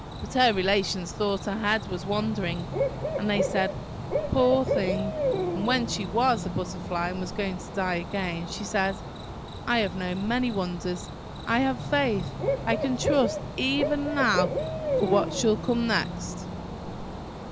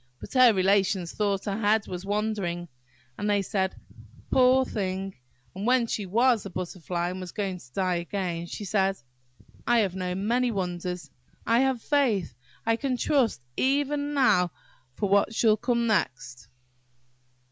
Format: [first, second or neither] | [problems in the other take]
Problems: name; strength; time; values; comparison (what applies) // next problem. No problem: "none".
second | background sound (Cricket / Bird); 4 dB below the speech